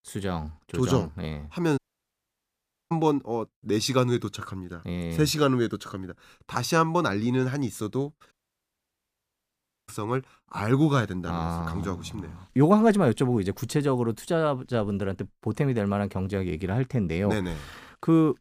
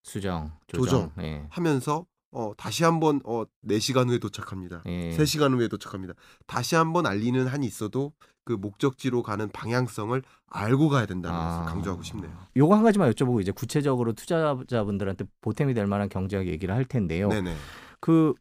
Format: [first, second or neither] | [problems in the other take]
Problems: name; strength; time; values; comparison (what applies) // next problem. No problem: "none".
second | audio cutting out; at 2 s for 1 s and at 8.5 s for 1.5 s